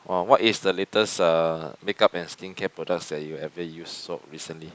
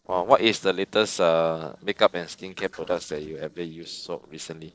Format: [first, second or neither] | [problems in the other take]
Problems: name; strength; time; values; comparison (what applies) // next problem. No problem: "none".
first | noise reduction (neural separator model SepFormer DNS4)